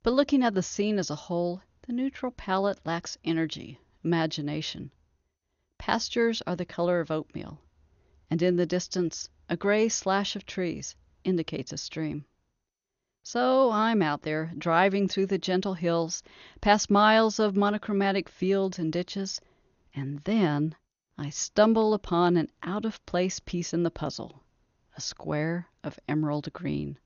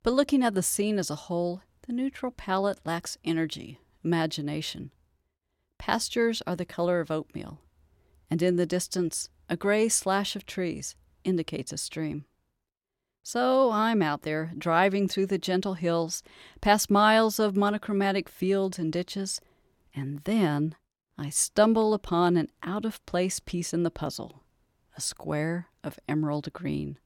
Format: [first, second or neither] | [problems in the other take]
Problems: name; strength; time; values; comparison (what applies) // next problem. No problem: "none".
second | garbled, watery; slightly; nothing above 6.5 kHz